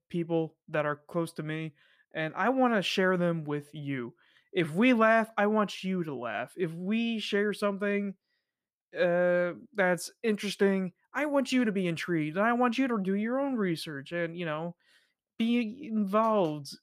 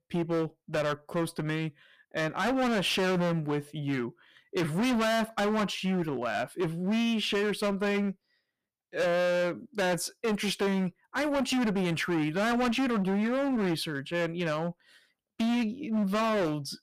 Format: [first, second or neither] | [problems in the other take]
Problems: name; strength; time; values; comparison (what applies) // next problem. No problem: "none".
first | distortion; heavy; 23% of the sound clipped